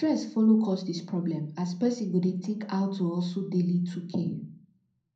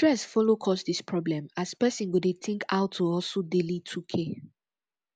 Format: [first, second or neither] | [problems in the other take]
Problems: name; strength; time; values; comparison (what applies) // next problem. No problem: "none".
second | room echo; dies away in 0.5 s